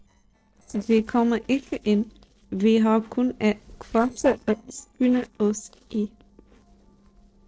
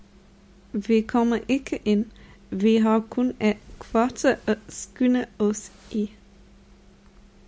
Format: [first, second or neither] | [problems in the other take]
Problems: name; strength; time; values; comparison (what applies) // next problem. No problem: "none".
second | noise reduction (neural separator model SepFormer DNS4)